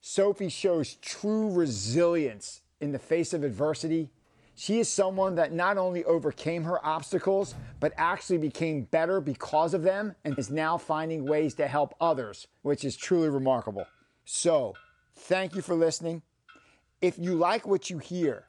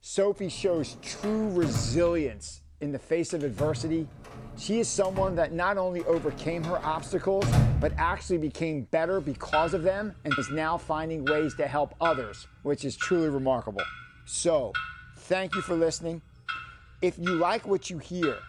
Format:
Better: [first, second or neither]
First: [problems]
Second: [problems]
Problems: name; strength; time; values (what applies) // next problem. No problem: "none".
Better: first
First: household noises; faint; throughout; 30 dB below the speech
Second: household noises; loud; throughout; 6 dB below the speech